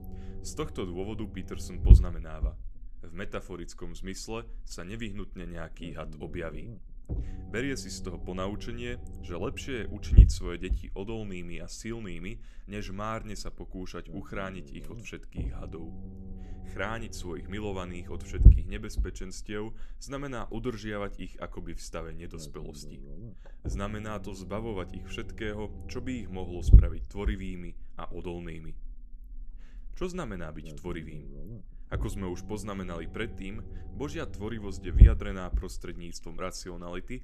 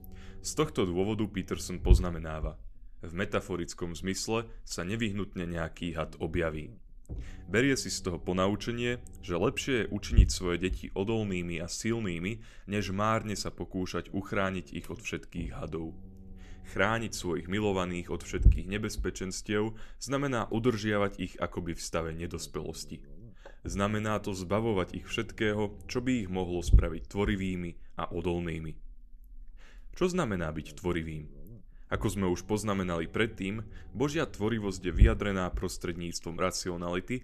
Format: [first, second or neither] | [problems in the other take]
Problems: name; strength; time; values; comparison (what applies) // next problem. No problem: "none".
second | low rumble; loud; throughout; 8 dB below the speech; faint in the second